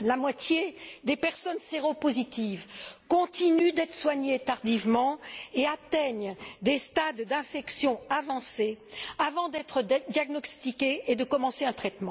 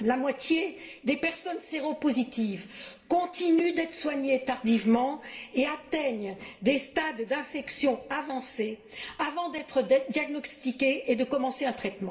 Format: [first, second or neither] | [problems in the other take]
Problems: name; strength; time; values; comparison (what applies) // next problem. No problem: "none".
first | room echo; dies away in 1.1 s